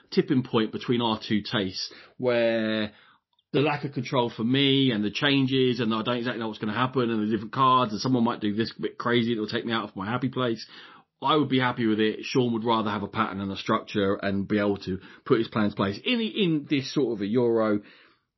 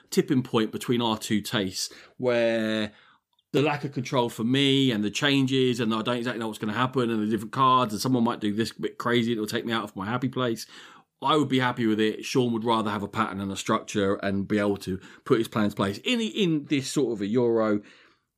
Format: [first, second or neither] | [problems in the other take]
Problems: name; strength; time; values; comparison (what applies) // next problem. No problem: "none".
second | garbled, watery; slightly; nothing above 5.5 kHz